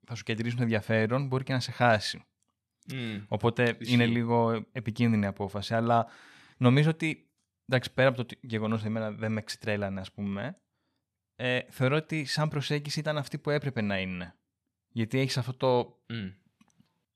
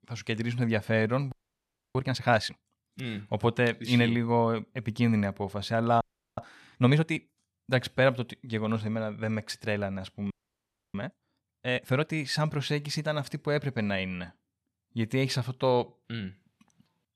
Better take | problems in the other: first | audio freezing; at 1.5 s for 0.5 s, at 6 s and at 10 s for 0.5 s

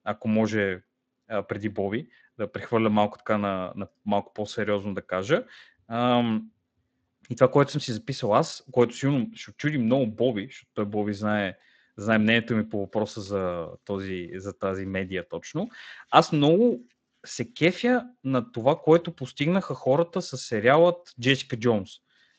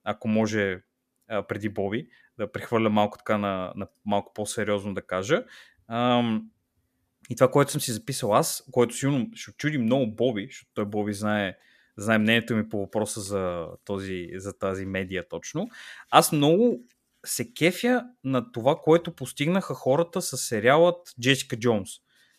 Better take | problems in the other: second | garbled, watery; slightly; nothing above 7.5 kHz

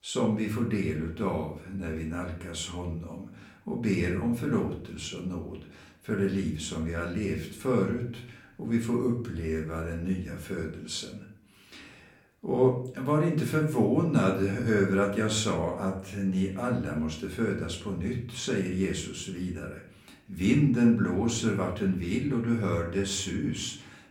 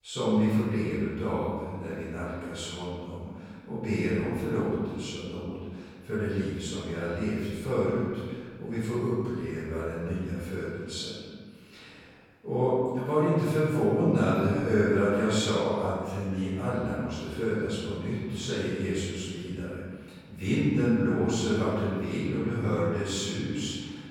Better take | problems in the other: first | room echo; strong; dies away in 1.5 s; slight in the first // off-mic speech; far; far in the first

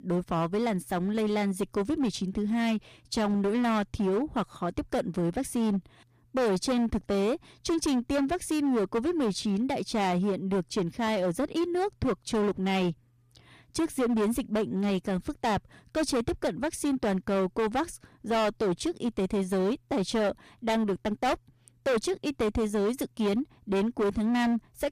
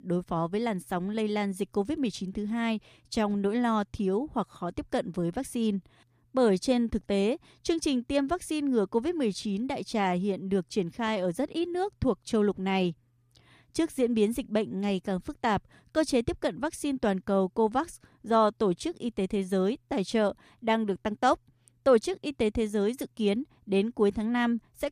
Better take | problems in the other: second | distortion; heavy; 16% of the sound clipped

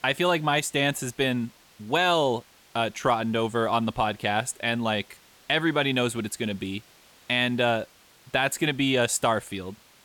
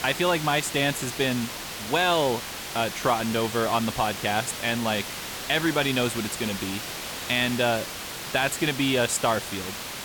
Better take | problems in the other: first | hiss; loud; throughout; 7 dB below the speech; faint in the first

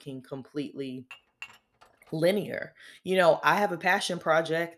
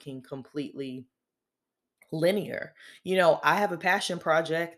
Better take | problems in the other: second | clattering dishes; faint; from 1 to 2 s; peak 20 dB below the speech

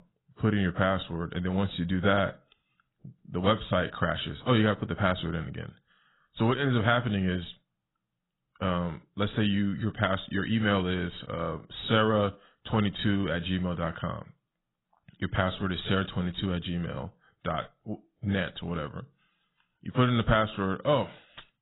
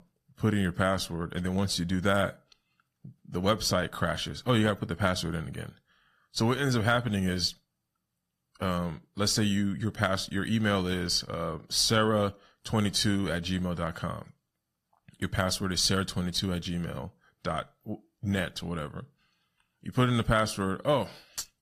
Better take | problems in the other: second | garbled, watery; badly; nothing above 4 kHz; slightly in the second

